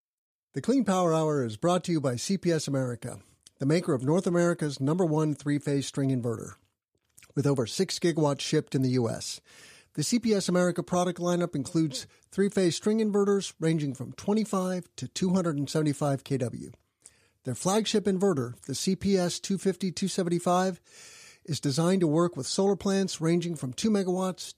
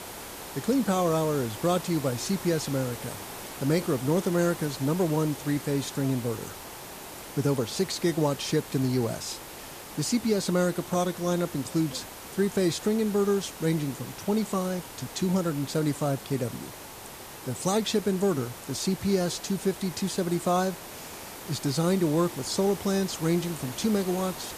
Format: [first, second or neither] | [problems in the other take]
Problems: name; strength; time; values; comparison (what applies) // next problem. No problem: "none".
first | hiss; noticeable; throughout; 10 dB below the speech